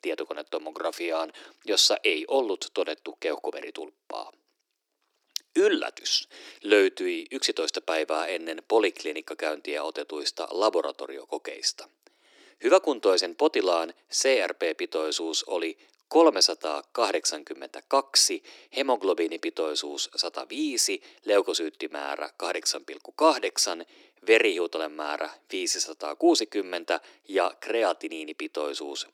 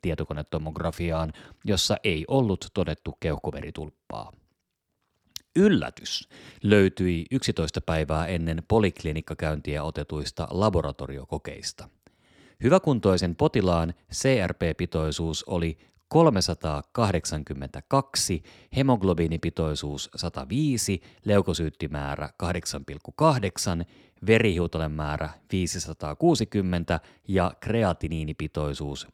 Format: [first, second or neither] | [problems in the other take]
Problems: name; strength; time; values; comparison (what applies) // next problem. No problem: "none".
second | thin; very; fading below 300 Hz